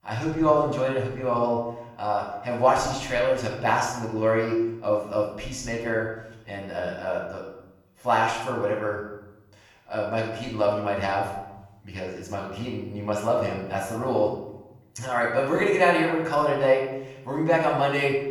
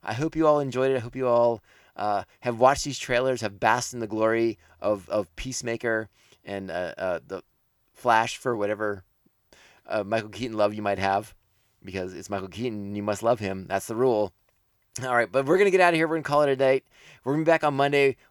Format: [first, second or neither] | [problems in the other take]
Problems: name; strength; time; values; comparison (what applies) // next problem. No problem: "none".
second | off-mic speech; far // room echo; noticeable; dies away in 0.8 s